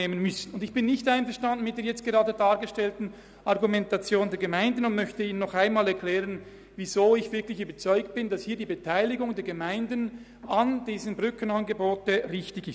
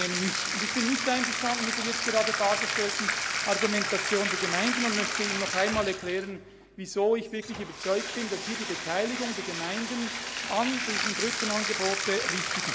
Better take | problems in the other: first | background sound (Bathtub (filling or washing)); 1 dB below the speech

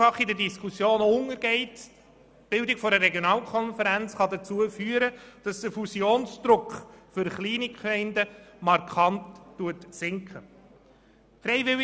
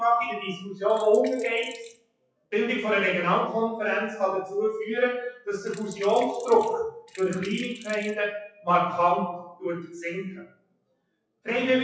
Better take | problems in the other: first | noise reduction (classical method WPE with log-MMSE)

